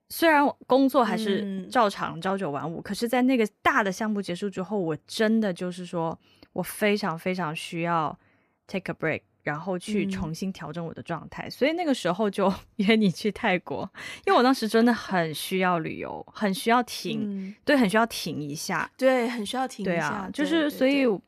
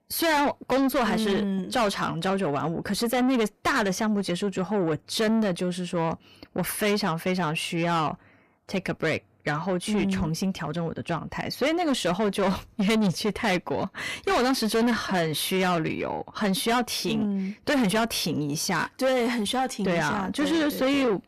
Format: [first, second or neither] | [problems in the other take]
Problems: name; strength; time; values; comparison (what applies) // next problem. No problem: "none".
first | distortion; heavy; 7 dB below the speech